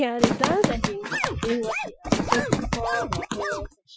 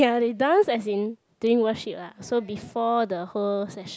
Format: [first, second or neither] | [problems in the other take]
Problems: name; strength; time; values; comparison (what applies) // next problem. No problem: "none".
second | noise reduction (classical method Wiener filter)